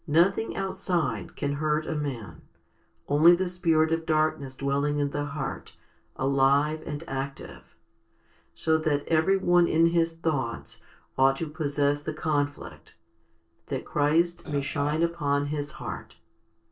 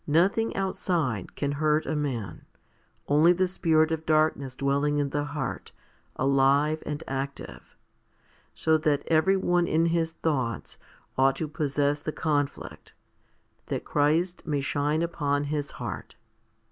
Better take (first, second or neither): second